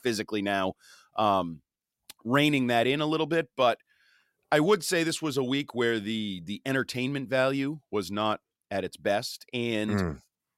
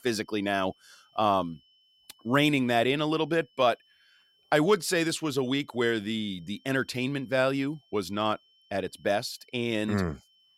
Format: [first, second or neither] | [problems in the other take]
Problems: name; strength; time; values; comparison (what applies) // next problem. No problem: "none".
first | high-pitched whine; faint; throughout; 3 kHz, 35 dB below the speech